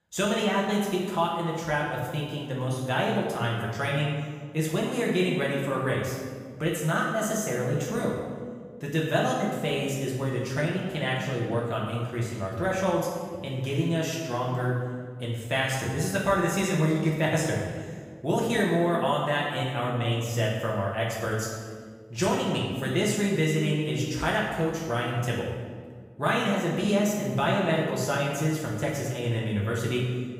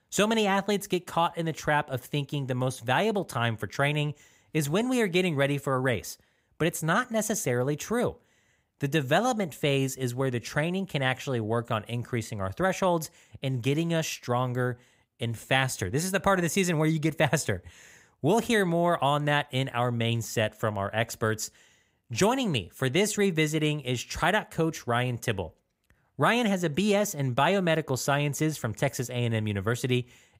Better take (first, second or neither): second